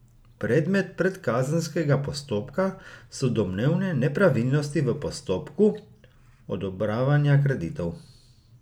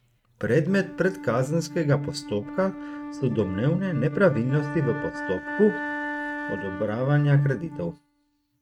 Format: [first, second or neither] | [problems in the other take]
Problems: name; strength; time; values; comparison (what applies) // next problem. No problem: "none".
first | noise reduction (neural mask model RNNoise)